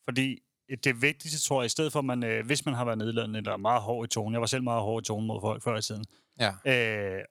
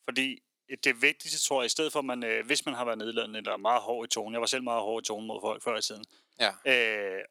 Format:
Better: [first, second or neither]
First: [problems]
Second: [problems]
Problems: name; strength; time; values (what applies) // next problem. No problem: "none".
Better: first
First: none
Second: thin; somewhat; fading below 300 Hz